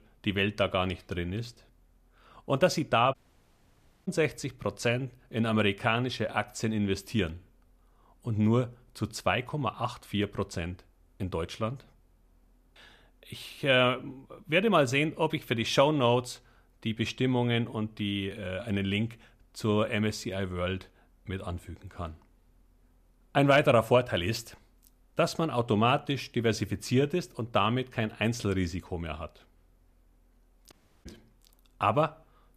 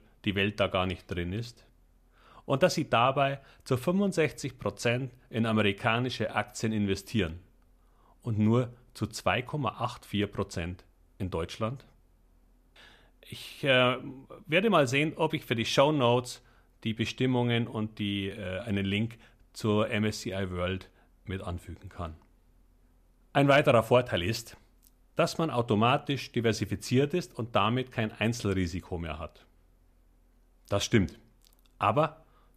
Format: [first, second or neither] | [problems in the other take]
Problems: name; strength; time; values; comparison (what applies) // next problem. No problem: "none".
second | audio cutting out; at 3 s for 1 s and at 31 s